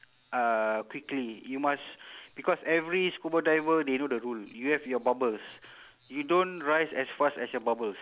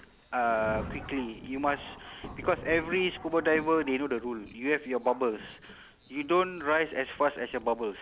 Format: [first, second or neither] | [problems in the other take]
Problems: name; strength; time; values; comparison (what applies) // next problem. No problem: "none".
first | background sound (Thunder); 15 dB below the speech